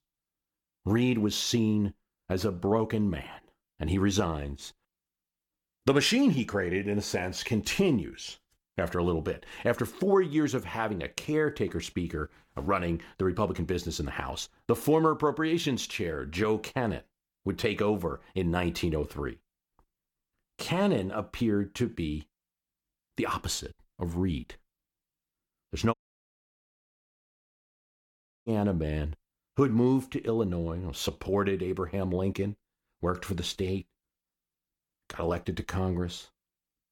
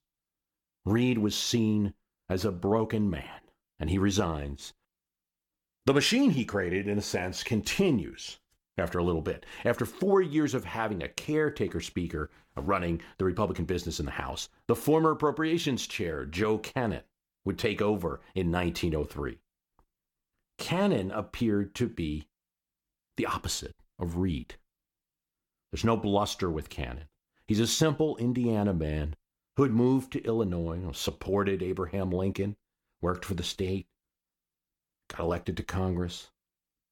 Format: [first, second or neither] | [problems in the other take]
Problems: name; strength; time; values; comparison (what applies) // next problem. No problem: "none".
second | audio cutting out; at 26 s for 2.5 s